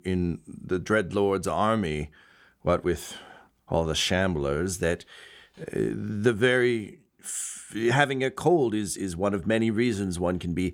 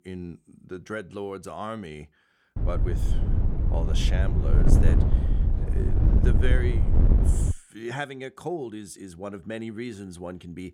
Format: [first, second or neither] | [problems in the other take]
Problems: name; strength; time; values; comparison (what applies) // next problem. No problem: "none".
first | wind noise on the microphone; heavy; from 2.5 to 7.5 s; 1 dB below the speech